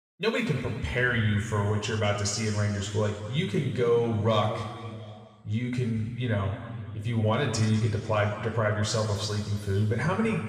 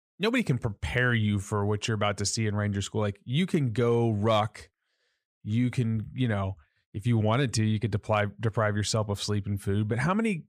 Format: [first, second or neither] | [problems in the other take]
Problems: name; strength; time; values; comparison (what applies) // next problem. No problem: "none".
second | room echo; noticeable; dies away in 2.1 s // off-mic speech; somewhat distant